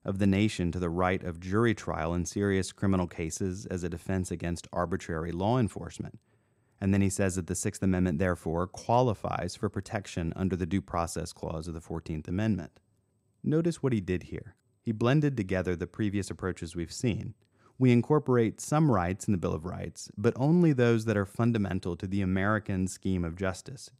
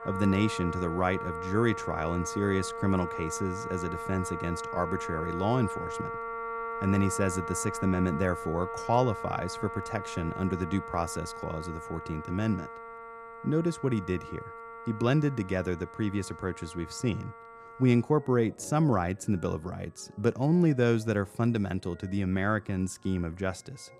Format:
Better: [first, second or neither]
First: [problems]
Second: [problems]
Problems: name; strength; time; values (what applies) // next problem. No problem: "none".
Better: first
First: none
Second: background music; loud; throughout; 8 dB below the speech